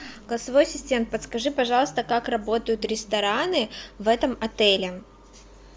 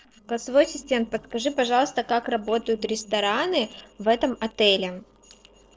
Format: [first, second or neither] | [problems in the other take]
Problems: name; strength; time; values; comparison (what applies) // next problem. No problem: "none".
first | noise reduction (neural separator model SepFormer DNS4)